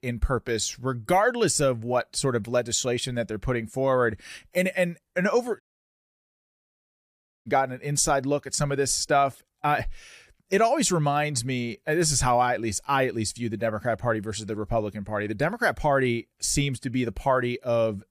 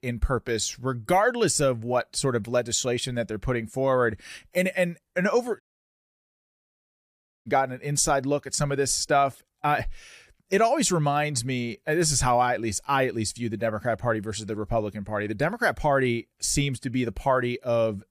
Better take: neither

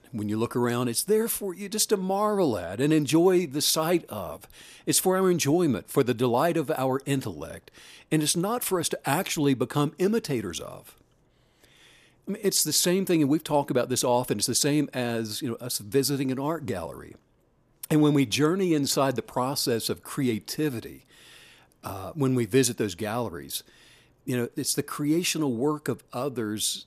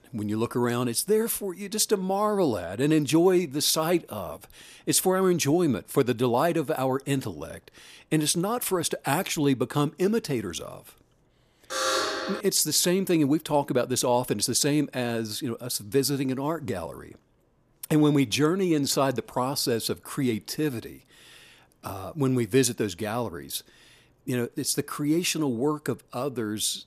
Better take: first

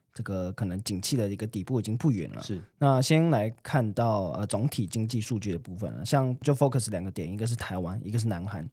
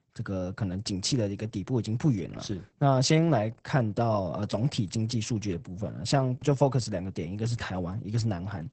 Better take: first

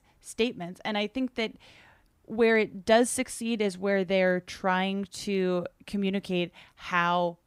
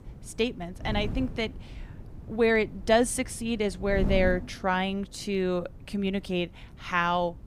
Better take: first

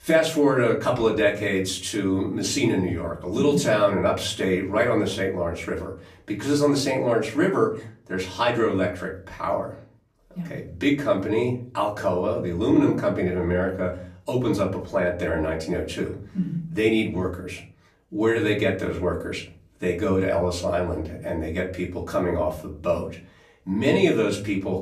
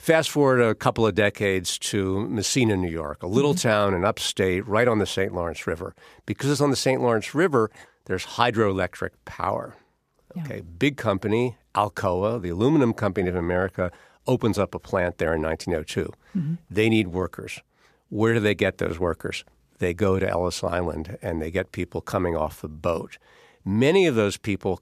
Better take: second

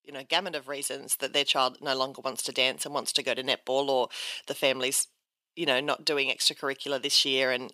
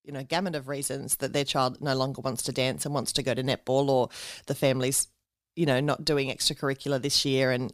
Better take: second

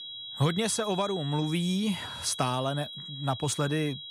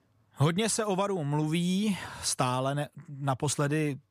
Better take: second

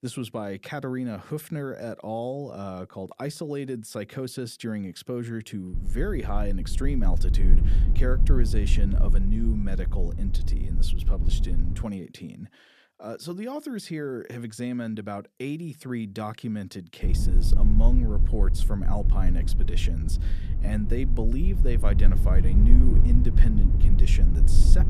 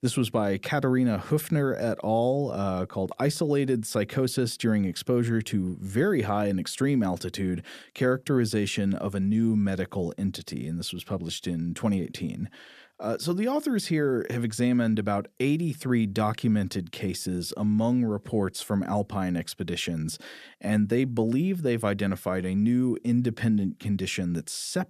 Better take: second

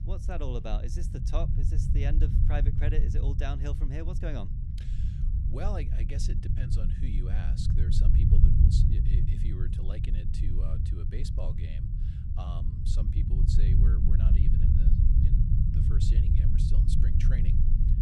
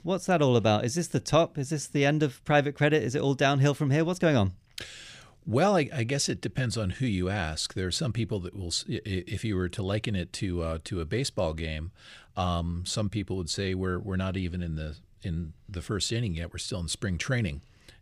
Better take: second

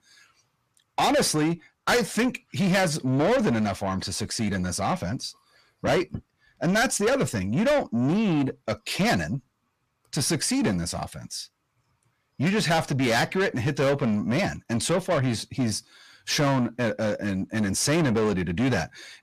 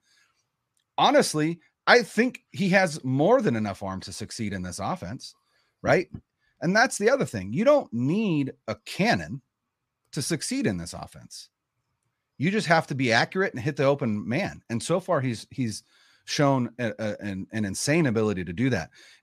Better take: second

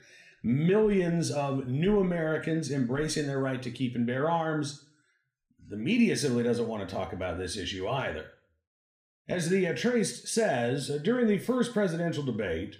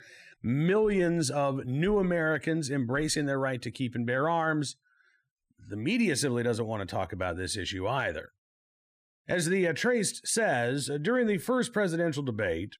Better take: second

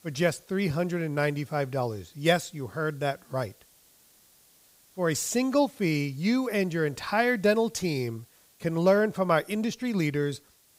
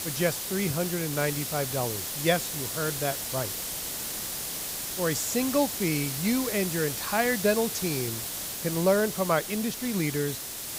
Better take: first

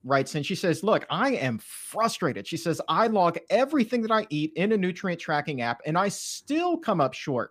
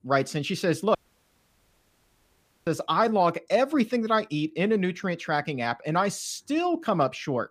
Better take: first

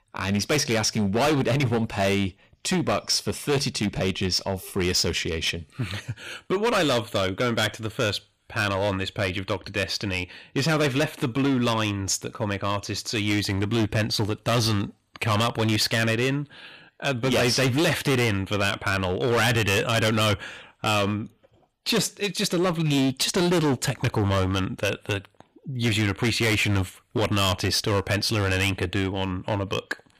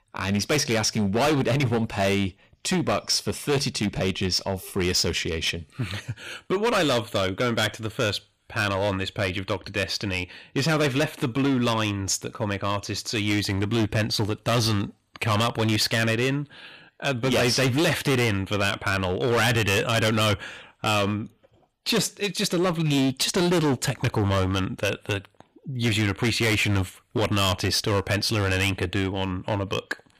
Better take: neither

